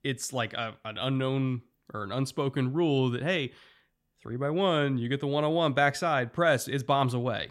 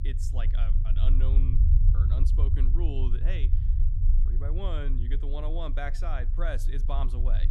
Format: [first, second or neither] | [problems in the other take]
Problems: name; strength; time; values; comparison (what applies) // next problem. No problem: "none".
first | low rumble; loud; throughout; 6 dB below the speech